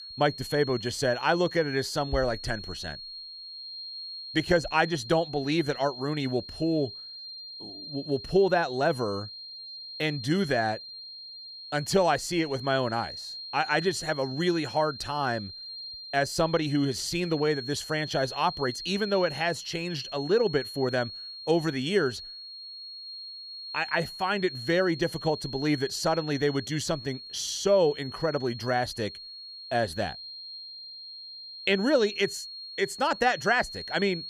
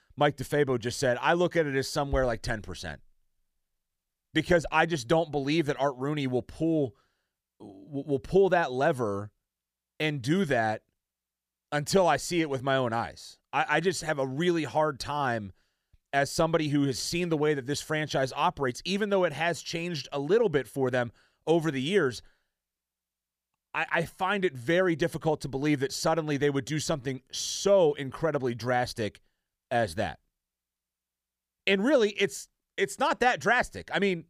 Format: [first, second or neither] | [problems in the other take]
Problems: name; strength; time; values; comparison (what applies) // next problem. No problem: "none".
second | high-pitched whine; noticeable; throughout; 4.5 kHz, 10 dB below the speech